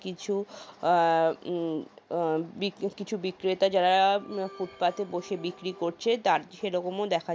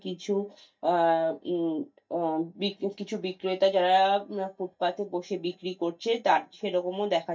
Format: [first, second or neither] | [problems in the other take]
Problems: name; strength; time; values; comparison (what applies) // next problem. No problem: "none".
first | noise reduction (neural mask model DeepFilterNet 3)